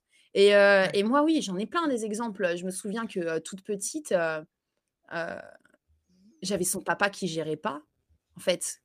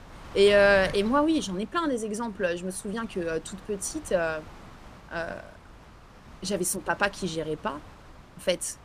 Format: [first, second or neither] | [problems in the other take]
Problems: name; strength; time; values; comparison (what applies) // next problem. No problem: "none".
first | wind noise on the microphone; occasional gusts; 20 dB below the speech